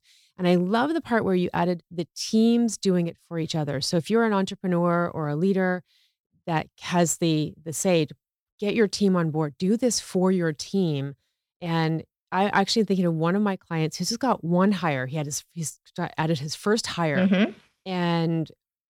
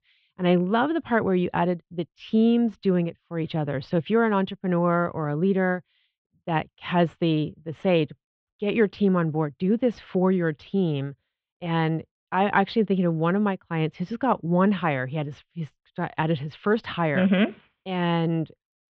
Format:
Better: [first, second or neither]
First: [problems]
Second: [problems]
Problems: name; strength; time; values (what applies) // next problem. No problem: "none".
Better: first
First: none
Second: muffled; very; fading above 3 kHz